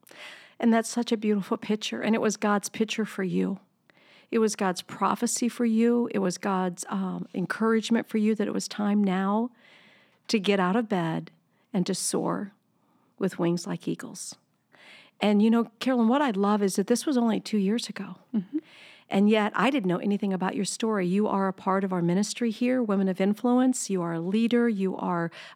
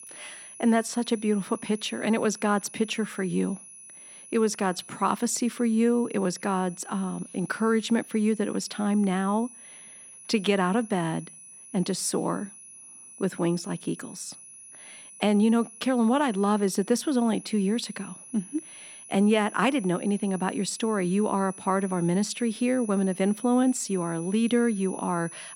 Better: first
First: none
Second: high-pitched whine; noticeable; throughout; 10.5 kHz, 15 dB below the speech

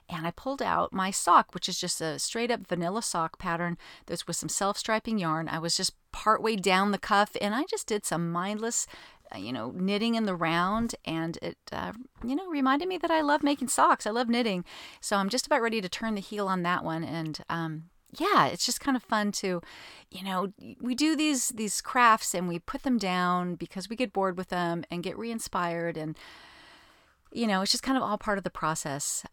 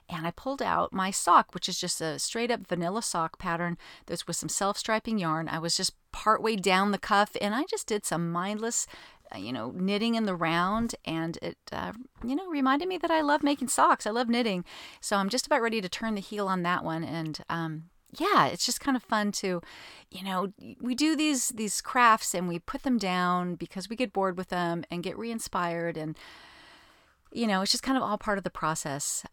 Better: neither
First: none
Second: none

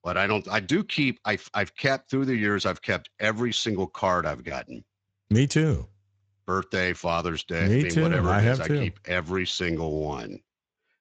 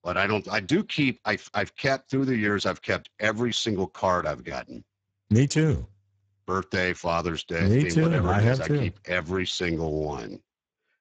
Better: first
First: garbled, watery; slightly; nothing above 7.5 kHz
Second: garbled, watery; badly; nothing above 7.5 kHz

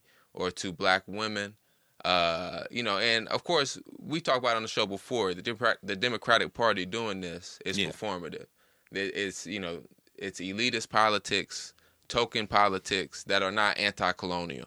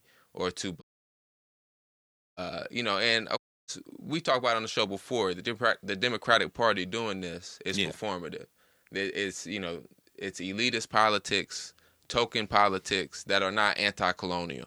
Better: first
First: none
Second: audio cutting out; at 1 s for 1.5 s and at 3.5 s

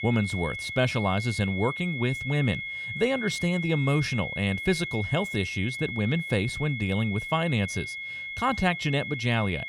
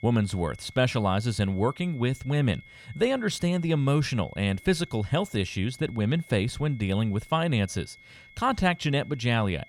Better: second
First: high-pitched whine; loud; throughout; 2 kHz, 5 dB below the speech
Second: high-pitched whine; faint; throughout; 2 kHz, 25 dB below the speech

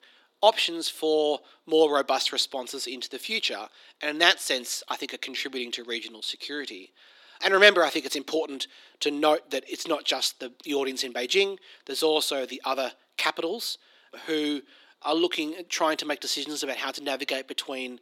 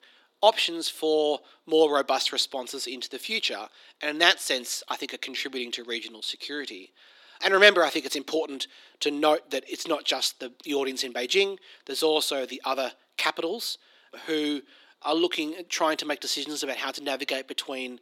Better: neither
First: thin; somewhat; fading below 300 Hz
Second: thin; somewhat; fading below 300 Hz

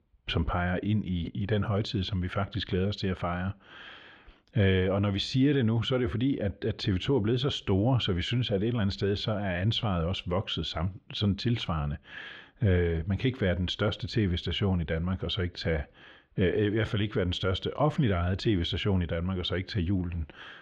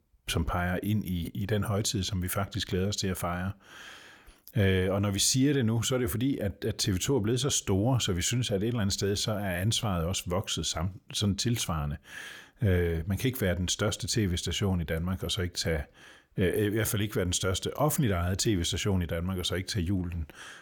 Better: second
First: muffled; slightly; fading above 3.5 kHz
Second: none

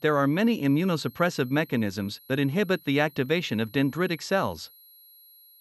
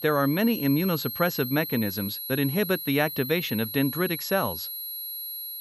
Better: first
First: high-pitched whine; faint; throughout; 11.5 kHz, 25 dB below the speech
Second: high-pitched whine; loud; throughout; 11.5 kHz, 6 dB below the speech

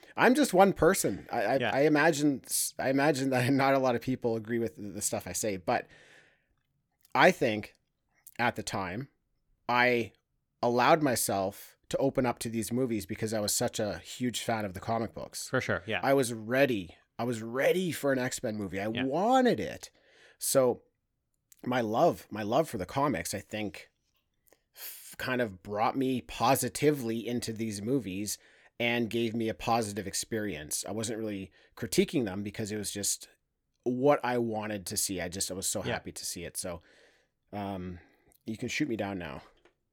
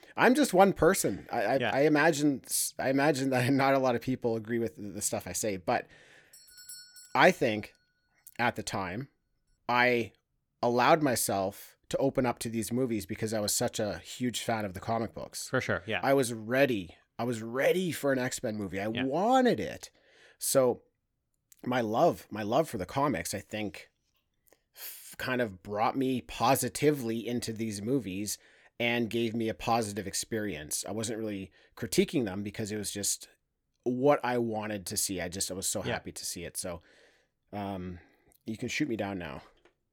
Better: first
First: none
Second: doorbell; faint; at 6.5 s; peak 15 dB below the speech

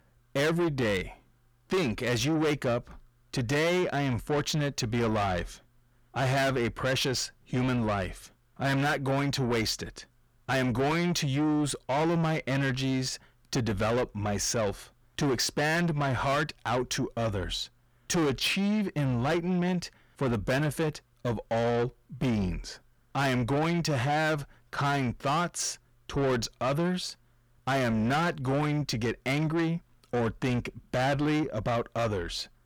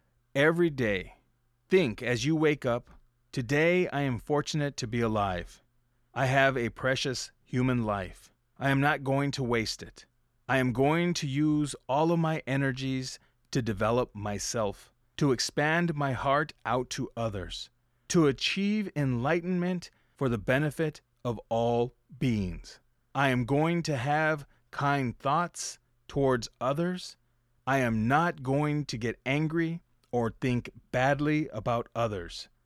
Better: second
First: distortion; heavy; 7 dB below the speech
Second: none

